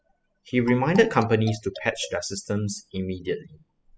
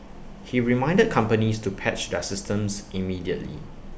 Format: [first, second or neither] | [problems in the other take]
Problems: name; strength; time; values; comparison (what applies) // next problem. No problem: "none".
second | noise reduction (classical method spectral subtraction)